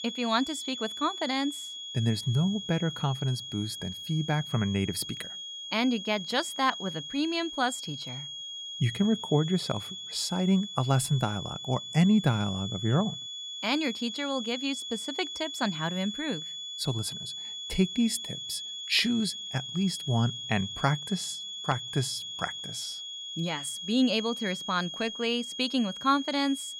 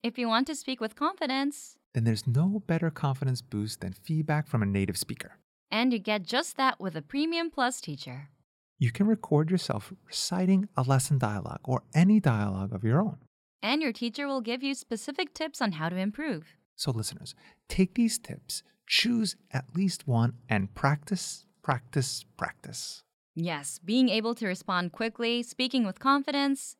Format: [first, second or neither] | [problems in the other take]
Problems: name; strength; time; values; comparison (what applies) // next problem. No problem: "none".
second | high-pitched whine; loud; throughout; 3.5 kHz, 7 dB below the speech